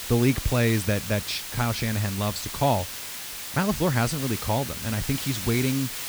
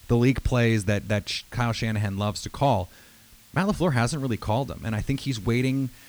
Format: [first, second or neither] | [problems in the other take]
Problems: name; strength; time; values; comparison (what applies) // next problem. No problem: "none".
second | hiss; loud; throughout; 6 dB below the speech; faint in the second